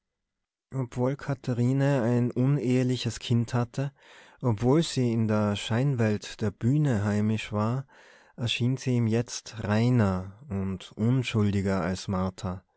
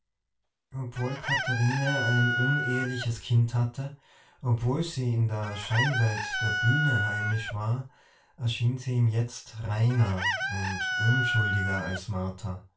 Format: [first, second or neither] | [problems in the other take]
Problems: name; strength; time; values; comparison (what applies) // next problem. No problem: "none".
first | background sound (Chicken, rooster); 5 dB below the speech // room echo; dies away in 0.3 s